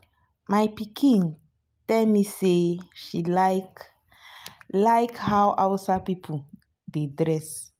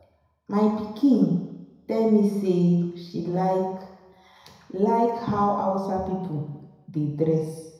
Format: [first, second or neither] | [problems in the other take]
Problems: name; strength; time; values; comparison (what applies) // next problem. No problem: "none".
first | room echo; dies away in 1 s